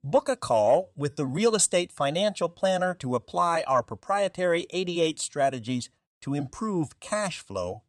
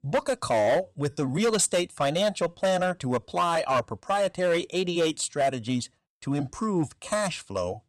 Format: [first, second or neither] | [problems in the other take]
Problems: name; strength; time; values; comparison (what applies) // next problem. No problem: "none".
first | distortion; slight; 9% of the sound clipped